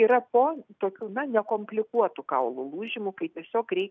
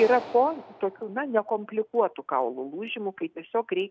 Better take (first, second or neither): first